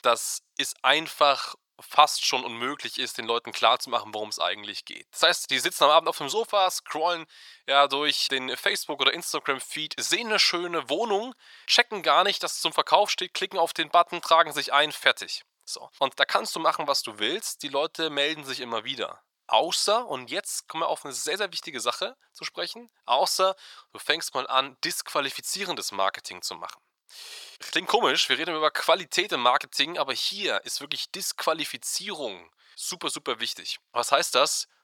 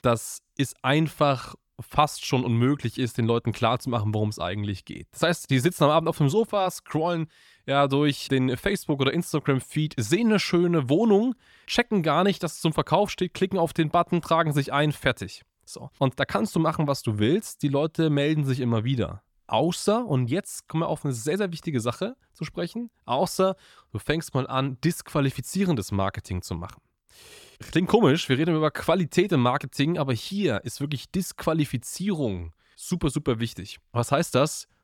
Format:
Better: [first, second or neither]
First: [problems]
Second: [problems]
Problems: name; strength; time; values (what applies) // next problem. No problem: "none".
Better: second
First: thin; very; fading below 750 Hz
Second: none